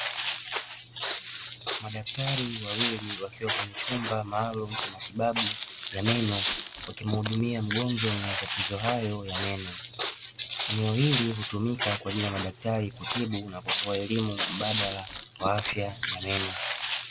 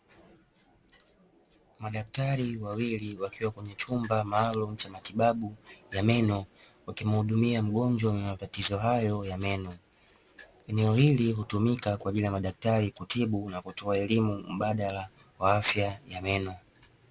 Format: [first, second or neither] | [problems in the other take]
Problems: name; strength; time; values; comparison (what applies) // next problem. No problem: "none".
second | background sound (Walk, footsteps); 2 dB below the speech